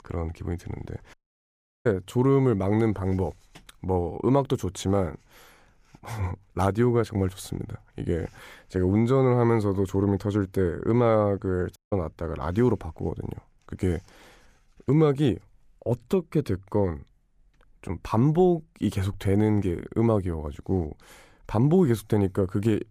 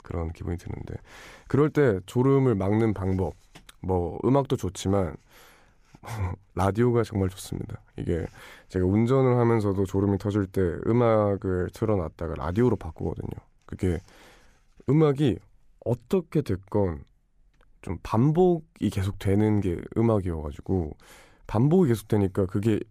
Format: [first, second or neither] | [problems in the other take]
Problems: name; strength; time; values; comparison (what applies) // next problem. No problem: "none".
second | audio cutting out; at 1 s for 0.5 s and at 12 s